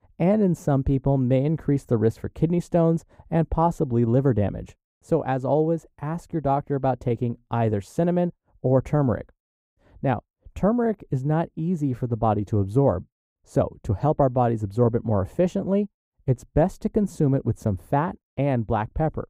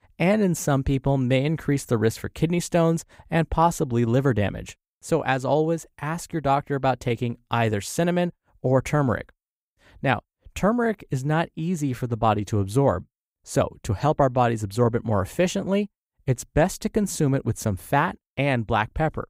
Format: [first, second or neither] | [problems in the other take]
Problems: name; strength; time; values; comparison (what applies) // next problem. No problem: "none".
second | muffled; slightly; fading above 1 kHz